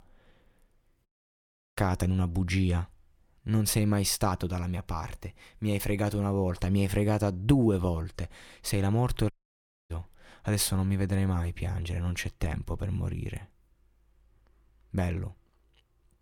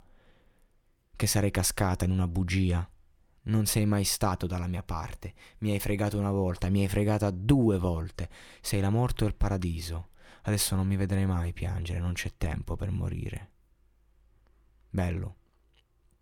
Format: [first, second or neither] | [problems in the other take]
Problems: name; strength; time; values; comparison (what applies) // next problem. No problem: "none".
second | audio cutting out; at 1 s for 0.5 s and at 9.5 s for 0.5 s